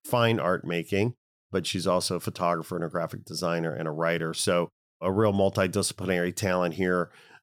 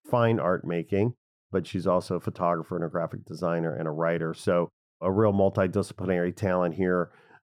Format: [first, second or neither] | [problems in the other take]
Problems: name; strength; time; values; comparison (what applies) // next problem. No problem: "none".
first | muffled; very; fading above 2 kHz